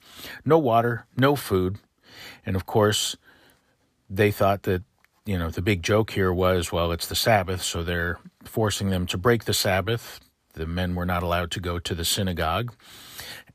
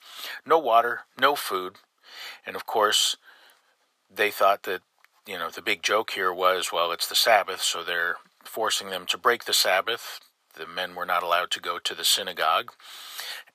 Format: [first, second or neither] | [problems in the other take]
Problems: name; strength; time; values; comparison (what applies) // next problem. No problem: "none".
first | thin; very; fading below 700 Hz